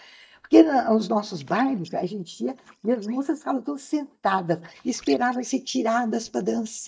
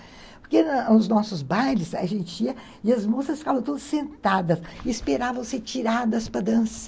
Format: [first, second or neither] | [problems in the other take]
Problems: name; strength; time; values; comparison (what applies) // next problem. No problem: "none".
second | noise reduction (neural mask model DeepFilterNet 3)